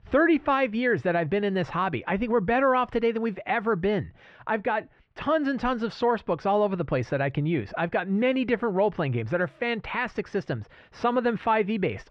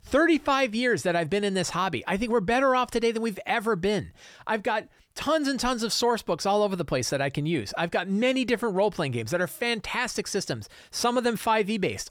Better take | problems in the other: second | muffled; very; fading above 2.5 kHz

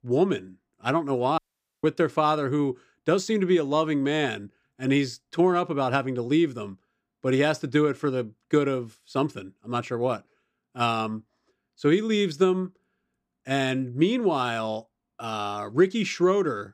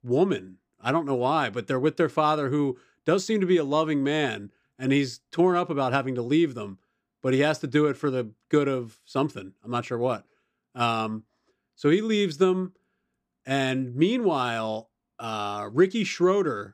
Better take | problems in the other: second | audio cutting out; at 1.5 s

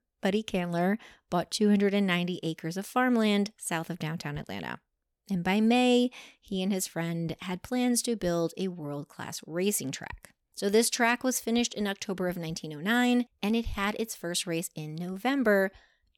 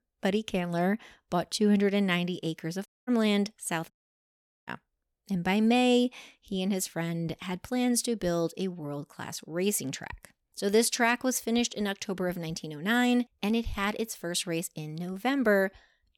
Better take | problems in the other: first | audio cutting out; at 3 s and at 4 s for 1 s

